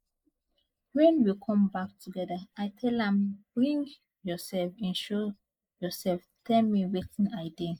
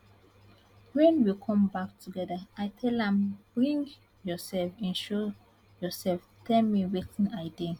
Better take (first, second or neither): second